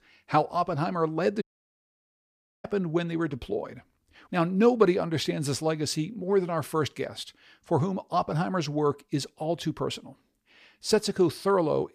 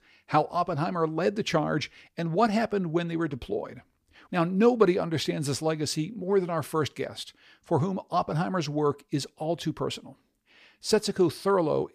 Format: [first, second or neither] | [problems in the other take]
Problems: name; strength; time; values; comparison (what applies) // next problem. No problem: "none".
second | audio cutting out; at 1.5 s for 1 s